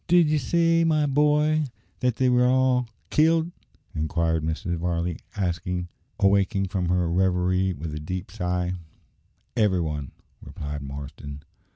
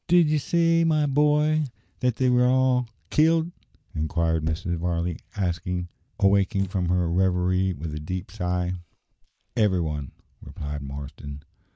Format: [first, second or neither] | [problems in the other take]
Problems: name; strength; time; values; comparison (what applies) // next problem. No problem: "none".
first | noise reduction (neural mask model Resemble Enhance denoiser)